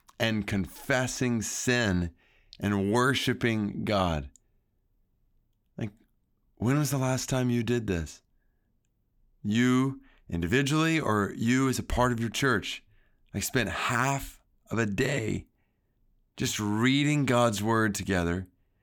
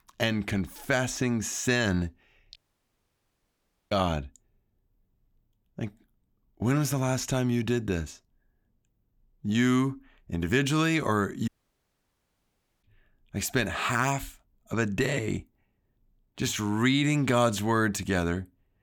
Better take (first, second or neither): first